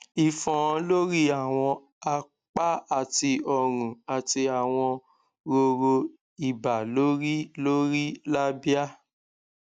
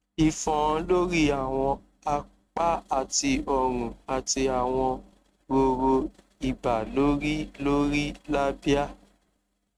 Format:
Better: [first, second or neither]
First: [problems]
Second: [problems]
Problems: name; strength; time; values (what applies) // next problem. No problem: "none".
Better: first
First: none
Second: noise reduction (neural mask model RNNoise)